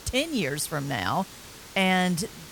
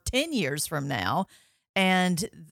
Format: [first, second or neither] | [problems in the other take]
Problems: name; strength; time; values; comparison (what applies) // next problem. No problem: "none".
second | hiss; noticeable; throughout; 15 dB below the speech